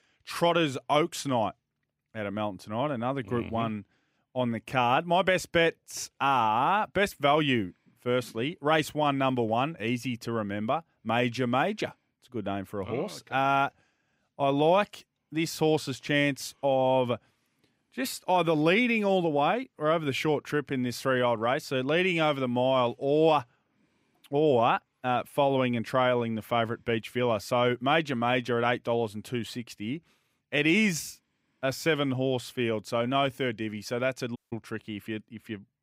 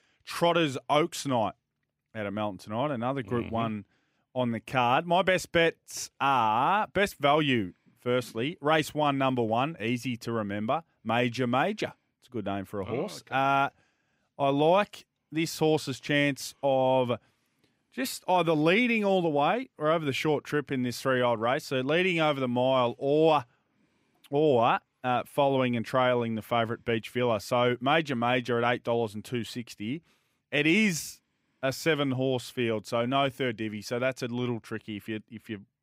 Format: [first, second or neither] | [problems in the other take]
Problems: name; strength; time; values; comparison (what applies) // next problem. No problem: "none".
second | audio cutting out; at 34 s